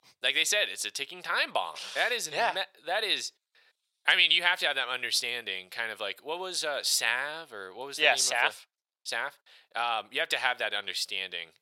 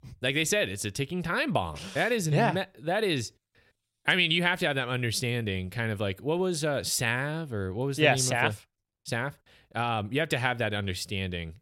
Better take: second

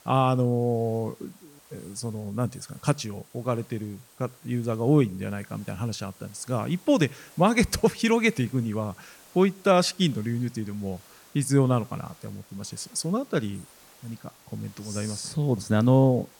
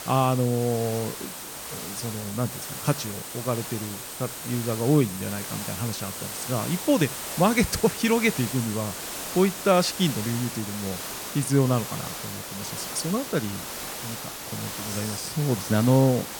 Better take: first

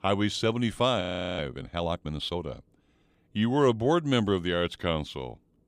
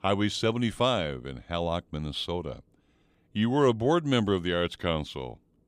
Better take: second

